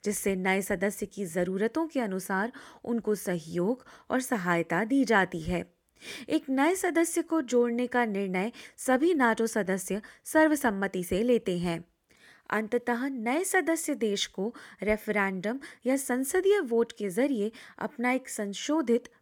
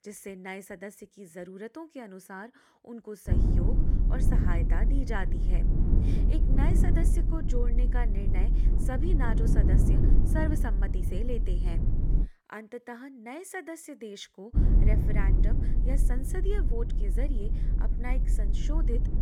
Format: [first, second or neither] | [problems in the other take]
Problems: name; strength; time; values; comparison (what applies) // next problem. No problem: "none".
first | low rumble; loud; from 3.5 to 12 s and from 15 s on; 2 dB below the speech